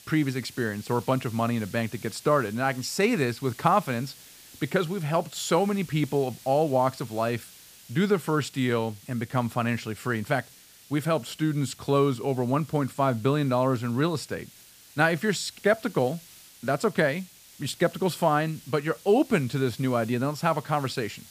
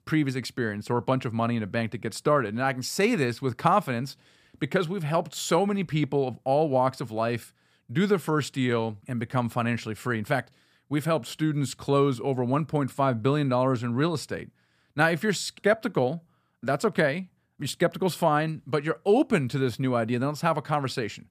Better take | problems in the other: second | hiss; faint; throughout; 20 dB below the speech

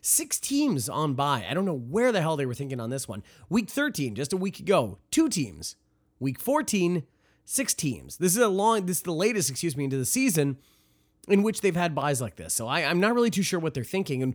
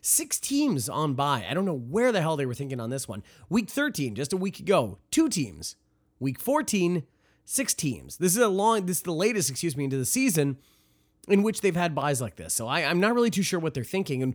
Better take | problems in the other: neither | none

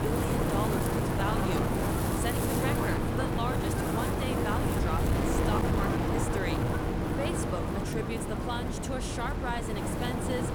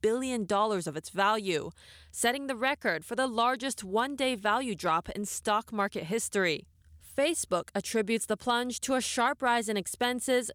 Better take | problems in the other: second | wind noise on the microphone; heavy; 4 dB above the speech

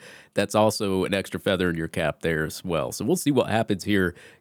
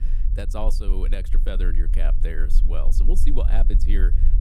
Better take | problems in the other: first | low rumble; noticeable; throughout; 10 dB below the speech

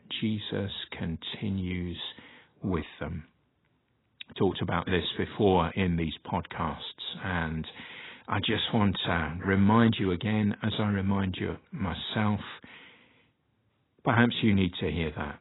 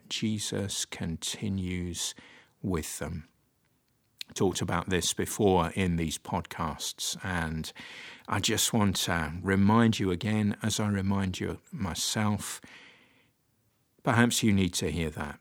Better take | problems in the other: second | garbled, watery; badly; nothing above 4 kHz

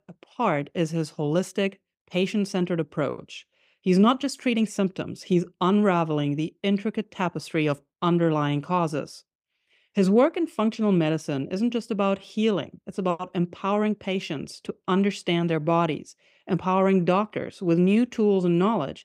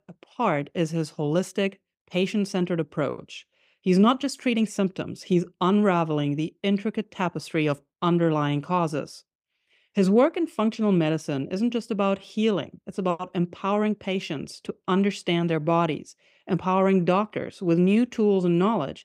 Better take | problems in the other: neither | none

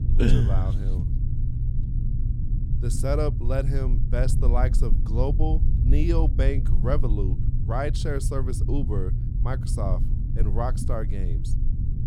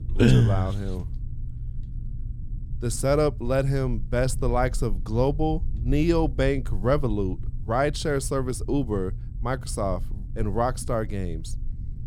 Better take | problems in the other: second | low rumble; loud; throughout; 9 dB below the speech; faint in the second

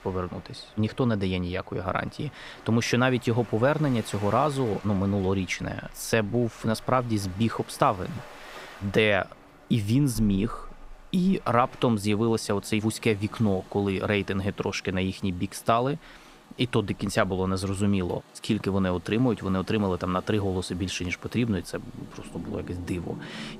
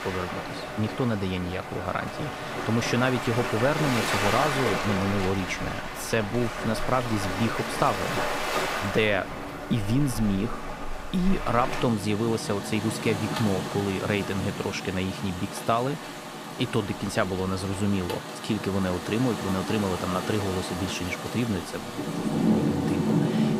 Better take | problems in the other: first | rain or running water; loud; throughout; 3 dB below the speech; faint in the first

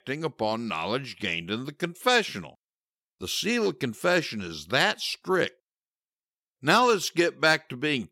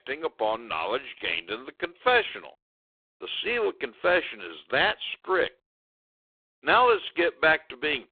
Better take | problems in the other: first | phone-call audio; poor line

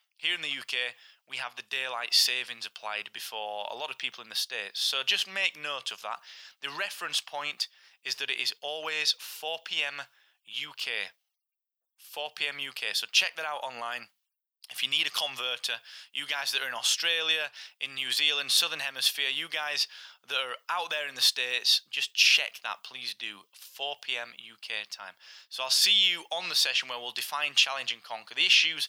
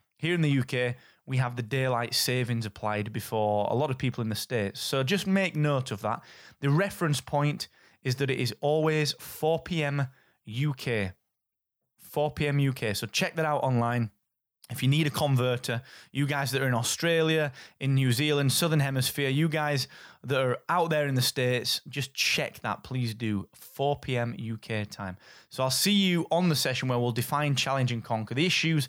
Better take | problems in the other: second | thin; very; fading below 900 Hz

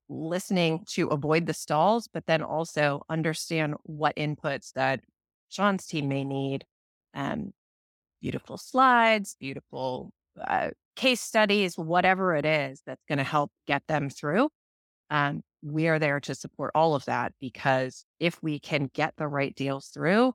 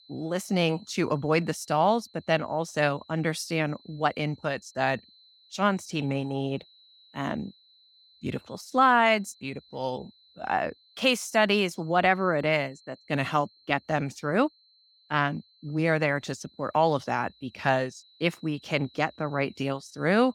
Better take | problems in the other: first | high-pitched whine; faint; throughout; 4 kHz, 30 dB below the speech

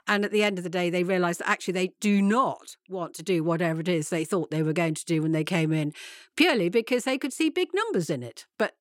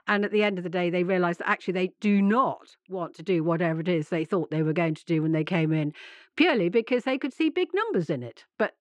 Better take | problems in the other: first | muffled; slightly; fading above 3 kHz

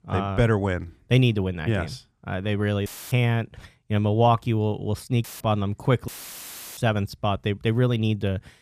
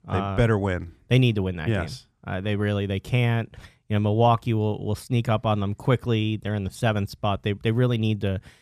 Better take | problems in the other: second | audio cutting out; filled with static; at 3 s, at 5 s and at 6 s for 0.5 s

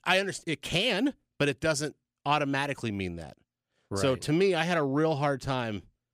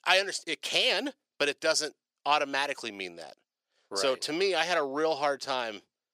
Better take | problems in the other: first | thin; somewhat; fading below 500 Hz

